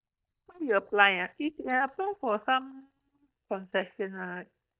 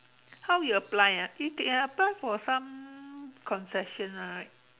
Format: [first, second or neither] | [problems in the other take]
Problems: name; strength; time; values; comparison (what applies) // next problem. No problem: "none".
second | noise reduction (neural mask model DeepFilterNet 3)